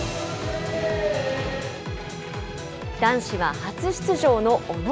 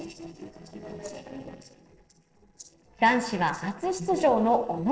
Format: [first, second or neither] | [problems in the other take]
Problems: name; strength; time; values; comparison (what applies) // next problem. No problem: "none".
first | noise reduction (neural separator model SepFormer DNS4)